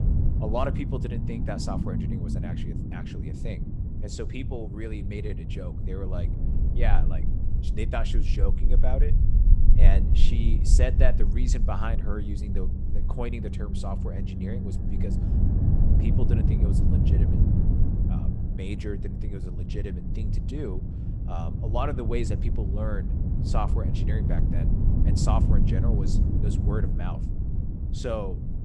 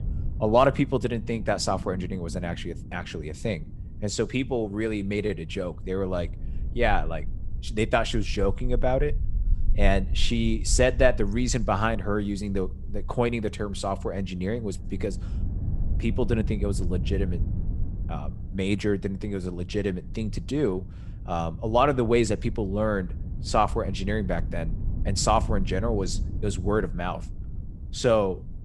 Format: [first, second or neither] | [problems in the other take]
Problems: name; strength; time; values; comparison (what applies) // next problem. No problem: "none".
second | low rumble; loud; throughout; 4 dB below the speech; faint in the second